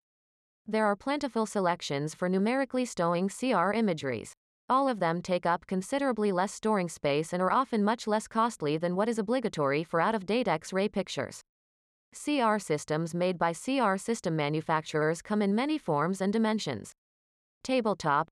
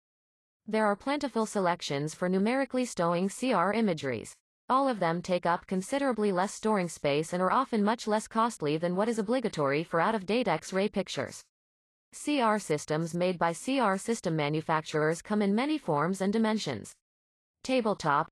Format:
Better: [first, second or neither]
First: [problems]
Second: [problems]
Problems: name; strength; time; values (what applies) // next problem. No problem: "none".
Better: first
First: none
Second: garbled, watery; slightly; nothing above 10.5 kHz